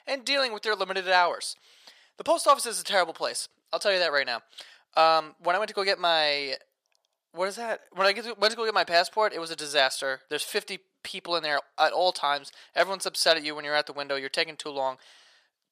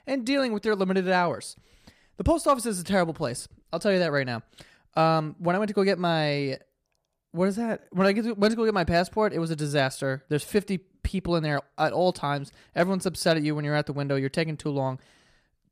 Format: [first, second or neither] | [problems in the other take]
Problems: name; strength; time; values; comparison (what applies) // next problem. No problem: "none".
second | thin; very; fading below 750 Hz